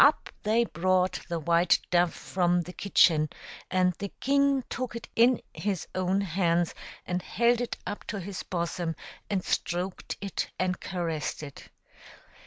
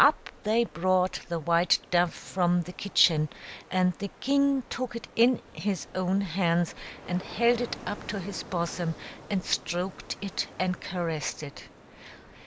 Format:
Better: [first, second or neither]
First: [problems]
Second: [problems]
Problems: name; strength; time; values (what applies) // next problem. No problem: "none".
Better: first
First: none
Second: background sound (Ocean); 19 dB below the speech